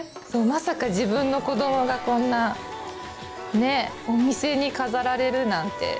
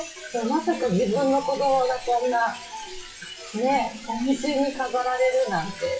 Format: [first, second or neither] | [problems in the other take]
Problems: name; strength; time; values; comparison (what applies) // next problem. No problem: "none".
first | noise reduction (classical method WPE with log-MMSE)